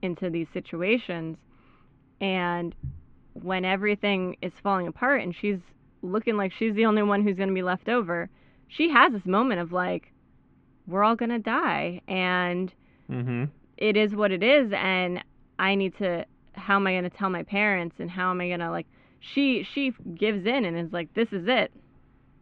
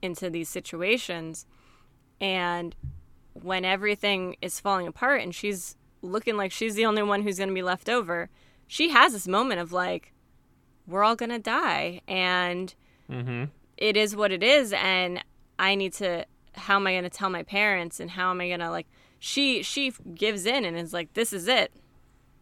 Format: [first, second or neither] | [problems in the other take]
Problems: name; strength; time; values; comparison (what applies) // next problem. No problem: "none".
second | muffled; very; fading above 3 kHz